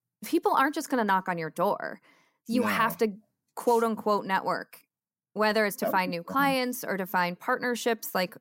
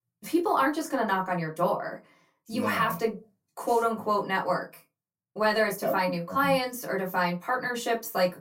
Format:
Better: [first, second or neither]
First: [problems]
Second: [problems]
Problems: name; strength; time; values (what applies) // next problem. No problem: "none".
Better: first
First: none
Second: off-mic speech; far // room echo; very slight; dies away in 0.2 s